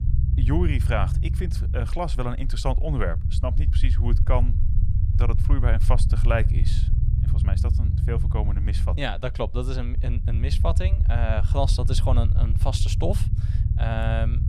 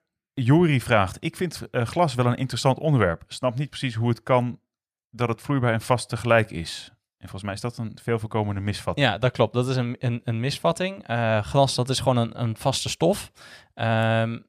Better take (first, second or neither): second